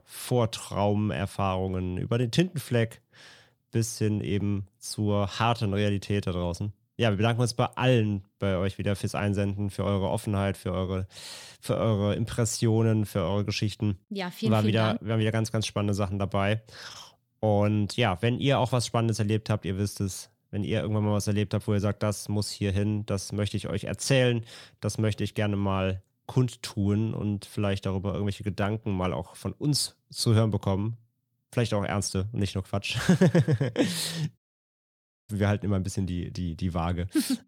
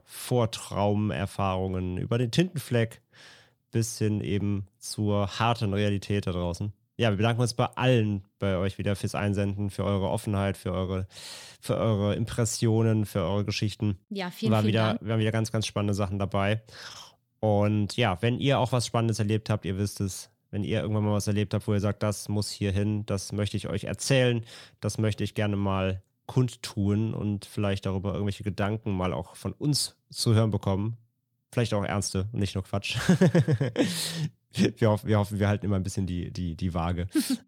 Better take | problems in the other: second | audio cutting out; at 34 s for 1 s

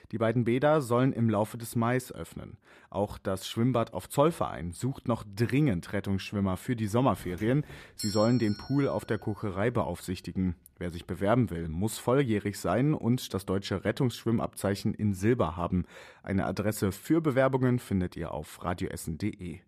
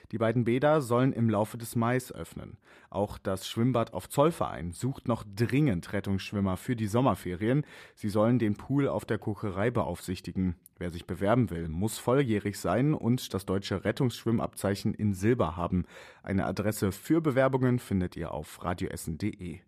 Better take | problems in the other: second | doorbell; noticeable; from 7 to 9 s; peak 7 dB below the speech

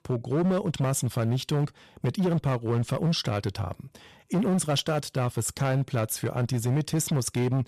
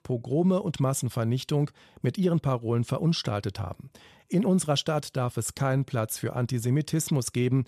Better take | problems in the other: second | distortion; slight; 13% of the sound clipped

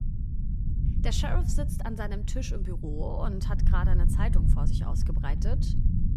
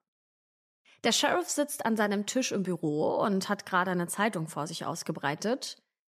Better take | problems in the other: second | low rumble; loud; throughout; 5 dB below the speech

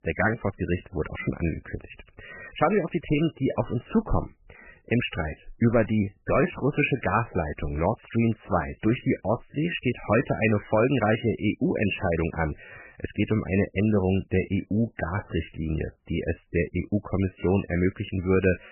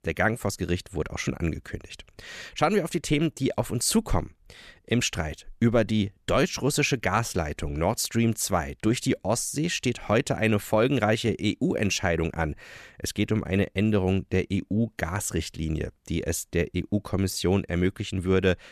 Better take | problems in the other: second | garbled, watery; badly; nothing above 3 kHz

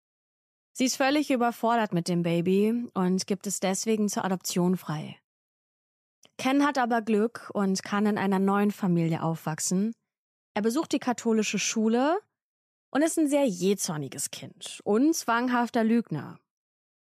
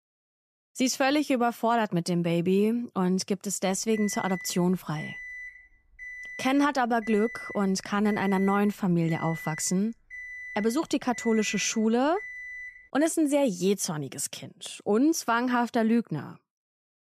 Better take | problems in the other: first | alarm; faint; from 4 to 13 s; peak 10 dB below the speech

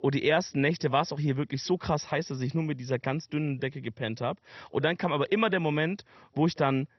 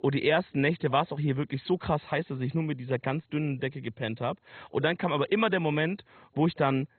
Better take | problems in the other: first | garbled, watery; badly; nothing above 4 kHz; slightly in the first

